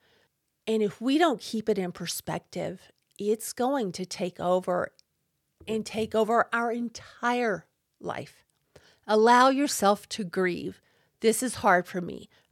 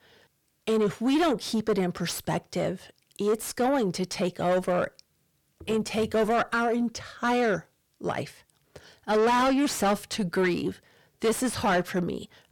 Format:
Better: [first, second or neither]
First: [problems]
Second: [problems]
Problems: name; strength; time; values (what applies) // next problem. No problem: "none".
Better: first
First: none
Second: distortion; heavy; 6 dB below the speech